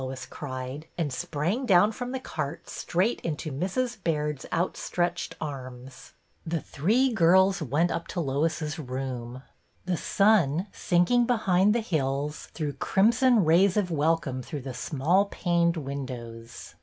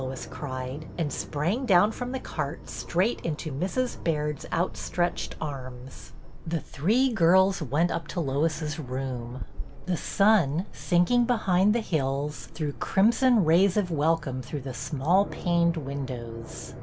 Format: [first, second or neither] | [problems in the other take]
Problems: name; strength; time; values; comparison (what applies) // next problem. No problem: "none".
first | background sound (Aircraft); 12 dB below the speech